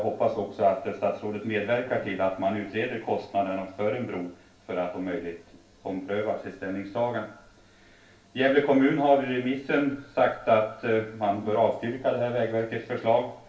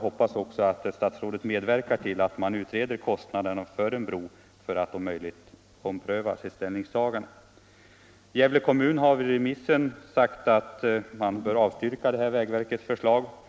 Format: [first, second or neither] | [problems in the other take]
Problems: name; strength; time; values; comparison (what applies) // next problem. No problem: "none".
second | room echo; dies away in 0.3 s